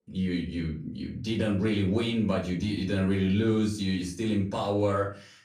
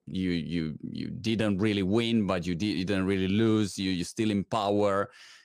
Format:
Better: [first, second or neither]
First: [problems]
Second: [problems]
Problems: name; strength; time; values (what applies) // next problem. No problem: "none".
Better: second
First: off-mic speech; far // room echo; slight; dies away in 0.4 s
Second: none